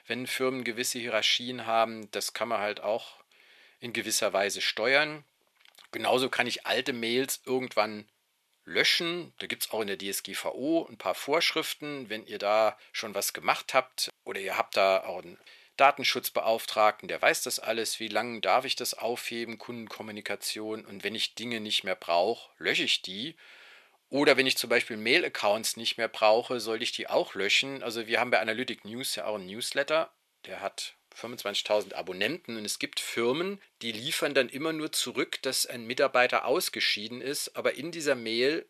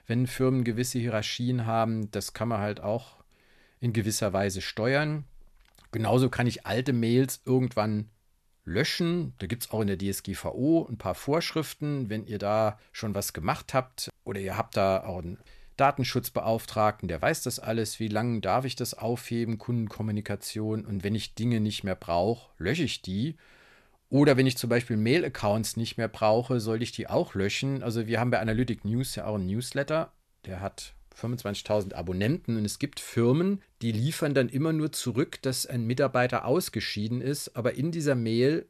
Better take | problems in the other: second | thin; somewhat; fading below 450 Hz

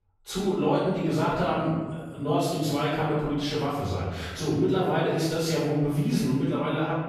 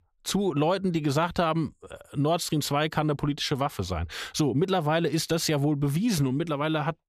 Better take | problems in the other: second | off-mic speech; far // room echo; strong; dies away in 1.3 s

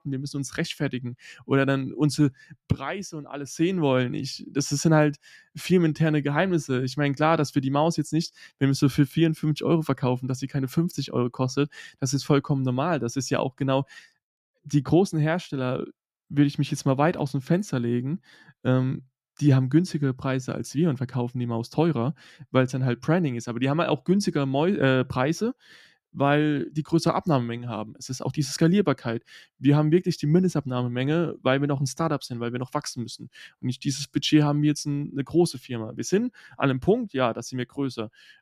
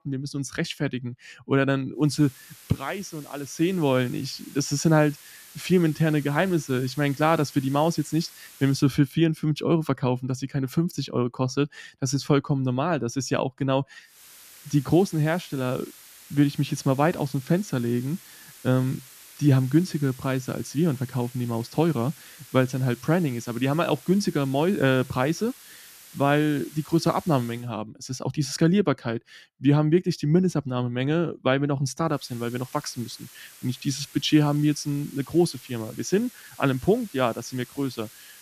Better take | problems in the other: first | hiss; faint; from 2 to 9 s, from 14 to 28 s and from 32 s on; 20 dB below the speech

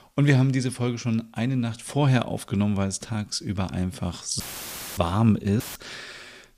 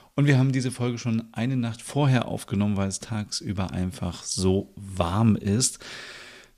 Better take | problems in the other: second | audio cutting out; filled with static; at 4.5 s for 0.5 s and at 5.5 s

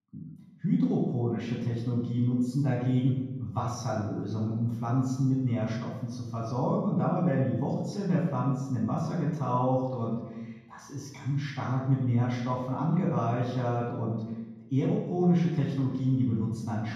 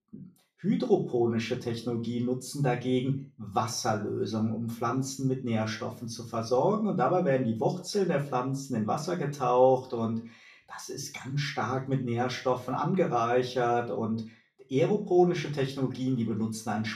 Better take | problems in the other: second | room echo; strong; dies away in 1.3 s; slight in the second // off-mic speech; far; far in the second

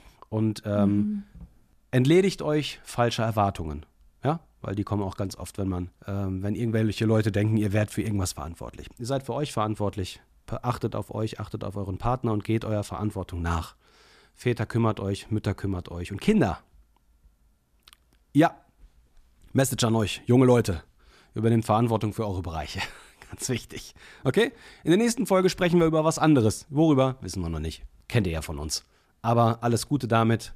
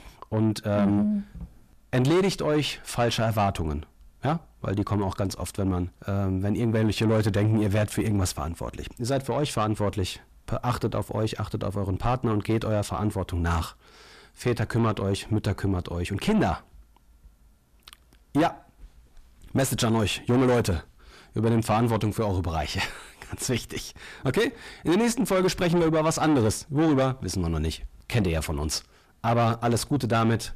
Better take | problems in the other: first | distortion; heavy; 7 dB below the speech

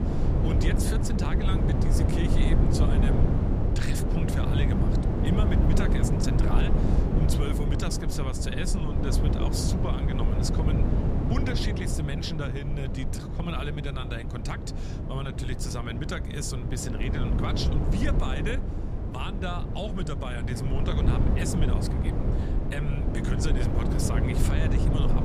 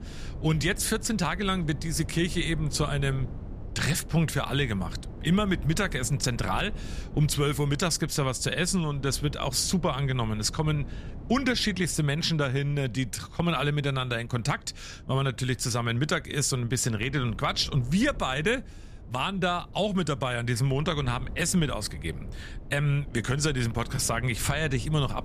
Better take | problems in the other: second | wind noise on the microphone; heavy; as loud as the speech; occasional gusts in the second

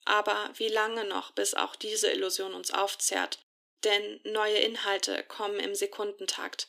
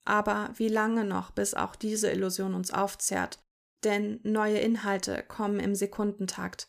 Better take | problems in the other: second | thin; very; fading below 300 Hz

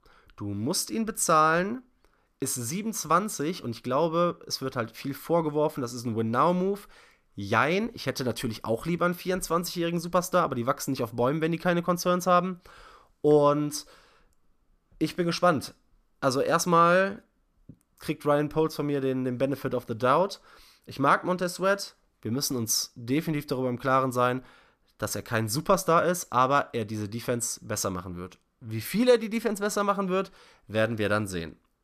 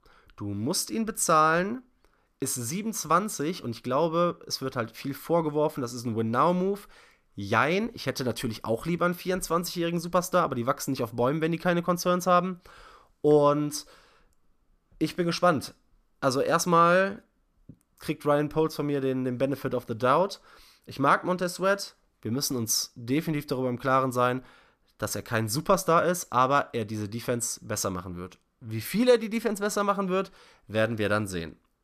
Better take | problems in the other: neither | none

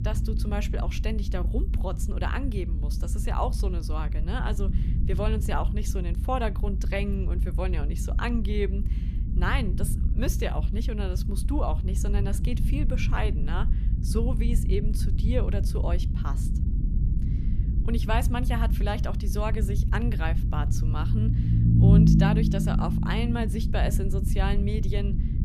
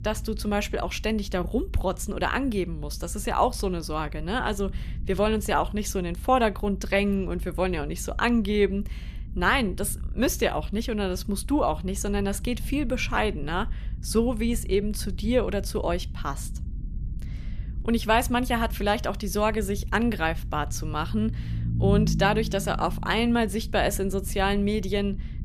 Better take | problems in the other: second | low rumble; loud; throughout; 5 dB below the speech; faint in the second

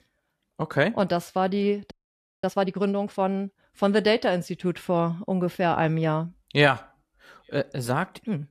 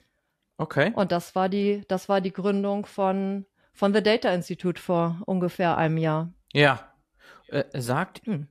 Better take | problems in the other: second | audio freezing; at 2 s for 0.5 s

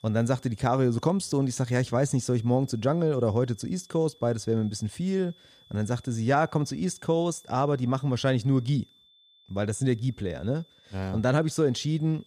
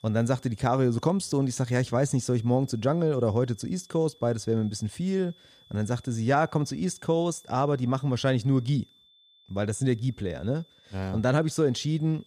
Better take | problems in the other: neither | high-pitched whine; faint; throughout; 3.5 kHz, 30 dB below the speech; the same in both

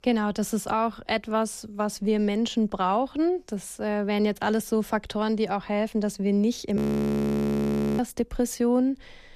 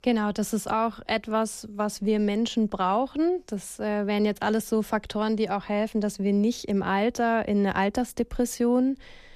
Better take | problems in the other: second | audio freezing; at 7 s for 1 s

